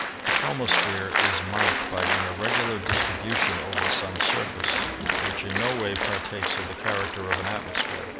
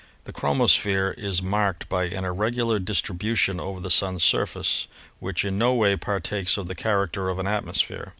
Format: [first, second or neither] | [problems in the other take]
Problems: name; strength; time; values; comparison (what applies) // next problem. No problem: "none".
second | background sound (Applause); 5 dB above the speech